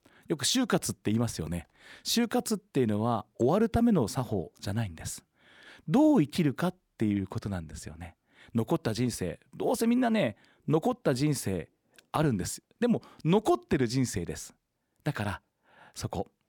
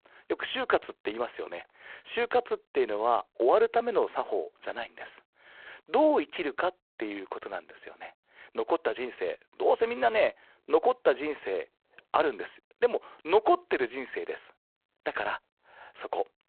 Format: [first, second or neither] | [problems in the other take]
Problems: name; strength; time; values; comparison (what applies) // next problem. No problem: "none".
first | phone-call audio; poor line; nothing above 3.5 kHz